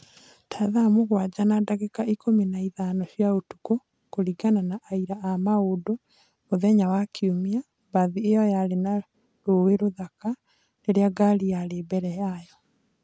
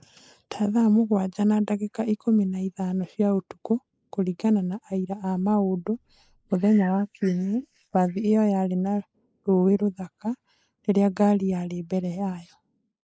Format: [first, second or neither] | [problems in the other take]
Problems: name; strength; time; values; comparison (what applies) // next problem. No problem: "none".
first | noise reduction (neural mask model Resemble Enhance denoiser)